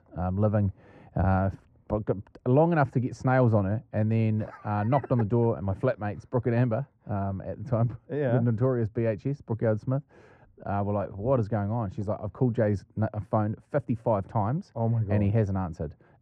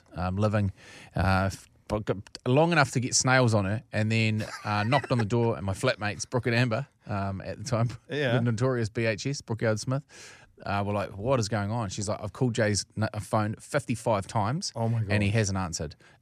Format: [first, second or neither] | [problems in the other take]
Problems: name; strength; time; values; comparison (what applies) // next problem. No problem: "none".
second | muffled; very; fading above 2.5 kHz